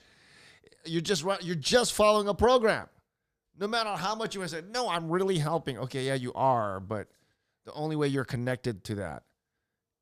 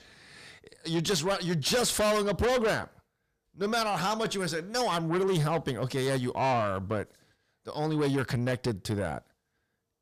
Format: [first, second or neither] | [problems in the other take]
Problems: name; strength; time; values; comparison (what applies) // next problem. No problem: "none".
first | distortion; heavy; 6 dB below the speech